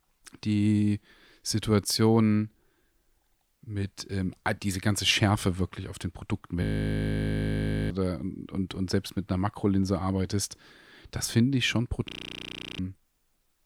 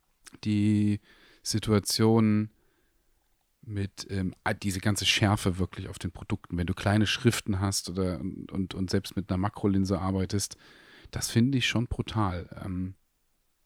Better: second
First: audio freezing; at 6.5 s for 1.5 s and at 12 s for 0.5 s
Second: none

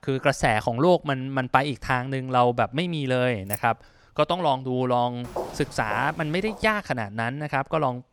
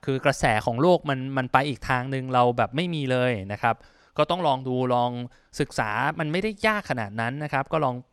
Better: second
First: jangling keys; noticeable; at 3.5 s; peak 9 dB below the speech // footsteps; noticeable; from 5 to 6.5 s; peak 9 dB below the speech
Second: none

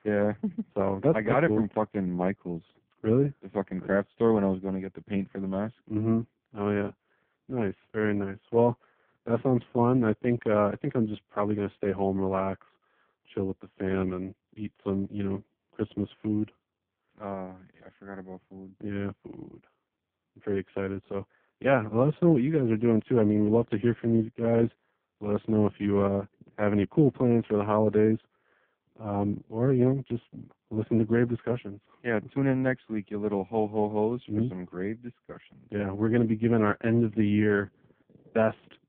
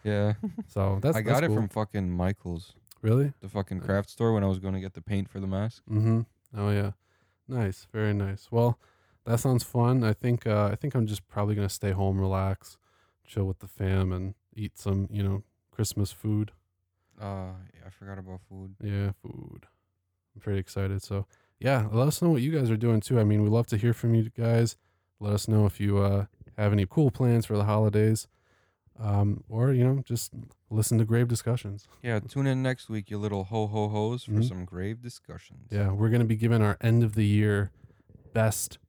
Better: second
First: phone-call audio; poor line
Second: none

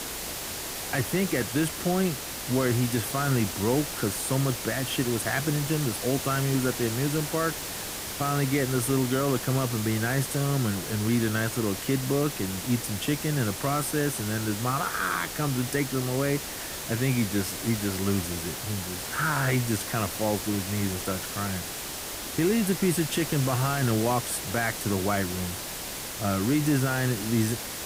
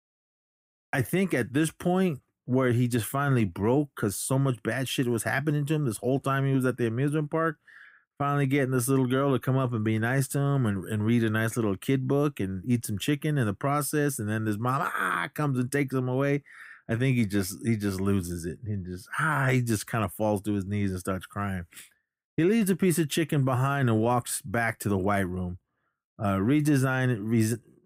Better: second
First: hiss; loud; throughout; 5 dB below the speech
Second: none

